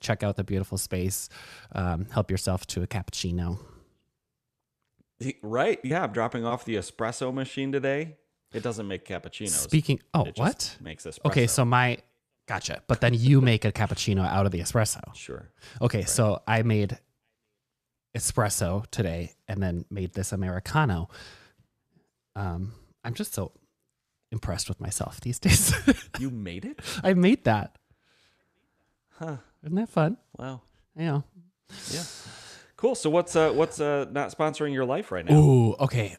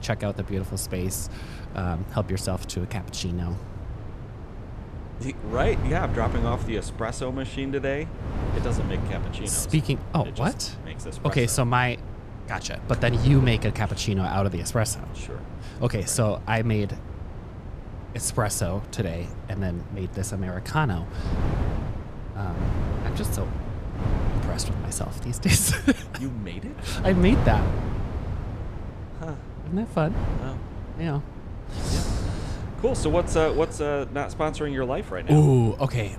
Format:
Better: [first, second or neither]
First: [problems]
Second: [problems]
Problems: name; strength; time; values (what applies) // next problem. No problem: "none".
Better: first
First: none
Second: wind noise on the microphone; occasional gusts; 10 dB below the speech